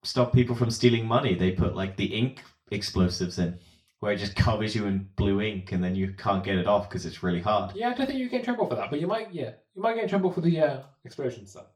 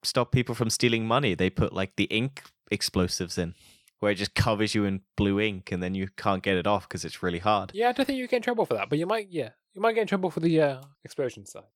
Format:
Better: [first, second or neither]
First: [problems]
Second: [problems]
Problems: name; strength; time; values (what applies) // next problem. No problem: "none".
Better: second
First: room echo; very slight; dies away in 0.3 s // off-mic speech; far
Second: none